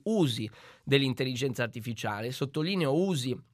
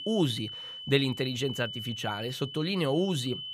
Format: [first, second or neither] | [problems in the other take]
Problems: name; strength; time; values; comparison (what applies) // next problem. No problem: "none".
first | high-pitched whine; loud; throughout; 3 kHz, 8 dB below the speech